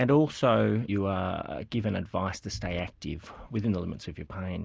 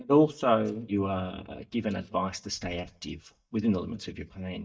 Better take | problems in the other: first | noise reduction (neural mask model DeepFilterNet 3)

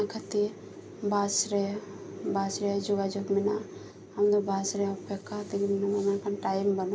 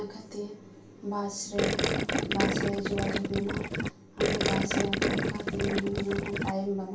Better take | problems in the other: first | background sound (Gurgling); 4 dB above the speech // room echo; dies away in 0.3 s

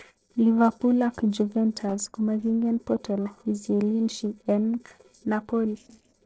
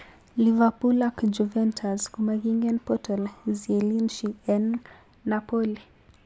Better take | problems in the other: second | noise reduction (neural separator model SepFormer DNS4)

